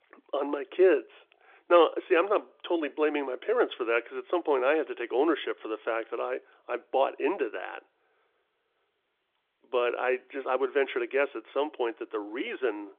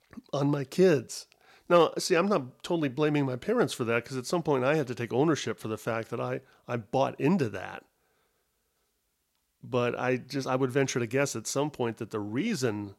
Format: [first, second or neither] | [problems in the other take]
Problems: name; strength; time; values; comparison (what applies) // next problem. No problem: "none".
second | phone-call audio; nothing above 3.5 kHz